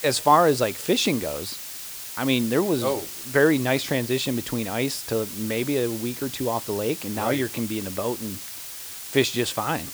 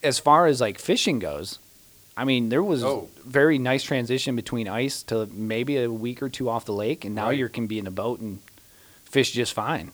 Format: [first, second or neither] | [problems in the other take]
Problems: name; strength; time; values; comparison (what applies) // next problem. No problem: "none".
second | hiss; loud; throughout; 9 dB below the speech; faint in the second